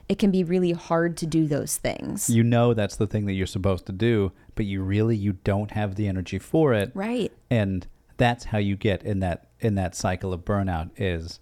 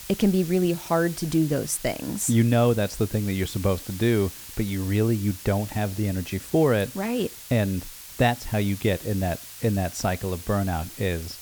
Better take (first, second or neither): first